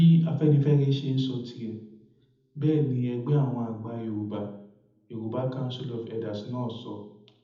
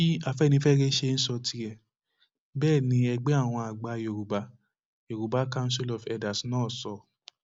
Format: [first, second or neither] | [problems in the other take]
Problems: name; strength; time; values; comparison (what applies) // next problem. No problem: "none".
second | room echo; dies away in 0.8 s